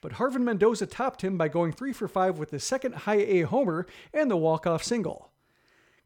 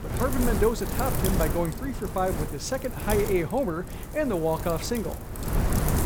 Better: first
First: none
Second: wind noise on the microphone; heavy; 7 dB below the speech

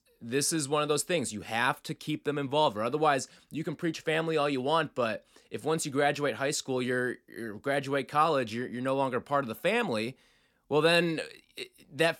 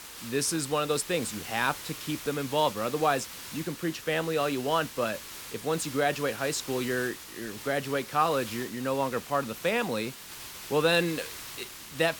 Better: first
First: none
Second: hiss; noticeable; throughout; 10 dB below the speech

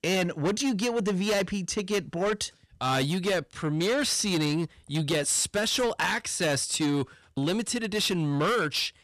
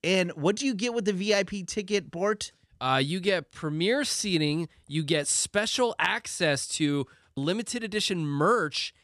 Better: second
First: distortion; heavy; 8 dB below the speech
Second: none

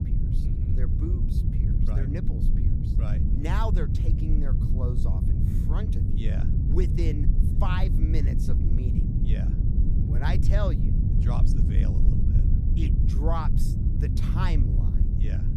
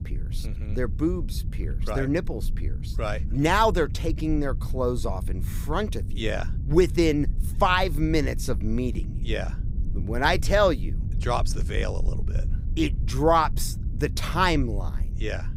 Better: second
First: low rumble; loud; throughout; 1 dB below the speech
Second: low rumble; faint; throughout; 20 dB below the speech

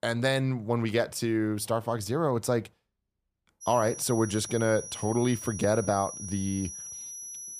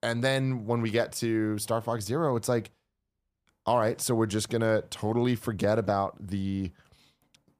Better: second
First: high-pitched whine; noticeable; from 3.5 s on; 6 kHz, 10 dB below the speech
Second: none

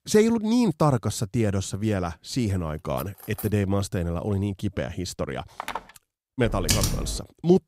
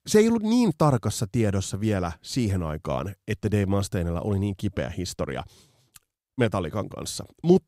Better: second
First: clattering dishes; faint; at 3 s; peak 15 dB below the speech // phone ringing; noticeable; at 5.5 s; peak 8 dB below the speech // keyboard typing; loud; at 6.5 s; peak 3 dB above the speech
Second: none

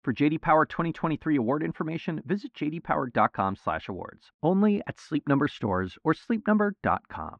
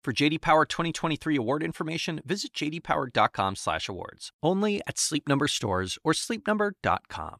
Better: second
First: muffled; very; fading above 1.5 kHz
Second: none

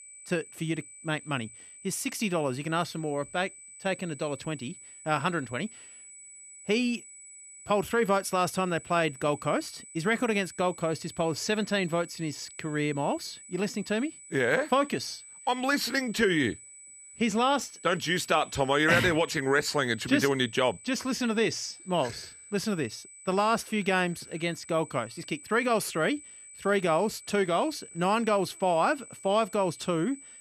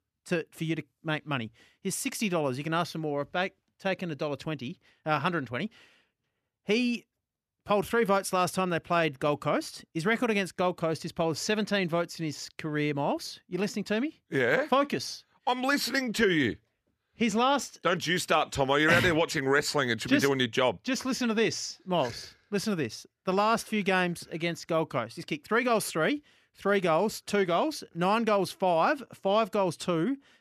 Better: second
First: high-pitched whine; noticeable; throughout; 8 kHz, 15 dB below the speech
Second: none

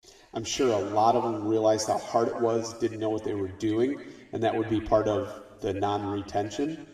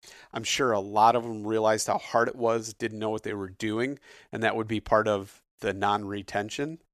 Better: second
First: room echo; slight; dies away in 1.2 s // off-mic speech; somewhat distant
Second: none

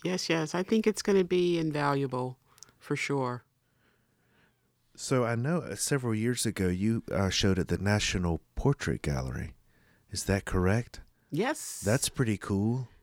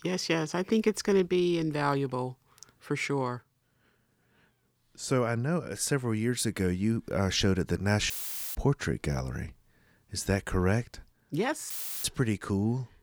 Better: first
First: none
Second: audio cutting out; filled with static; at 8 s and at 12 s

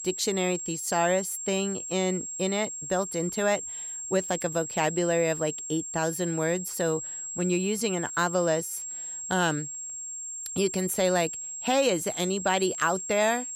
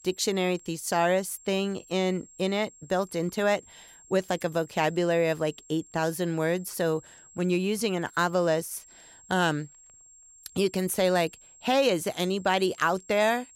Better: second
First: high-pitched whine; loud; throughout; 7.5 kHz, 6 dB below the speech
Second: high-pitched whine; faint; throughout; 7.5 kHz, 25 dB below the speech

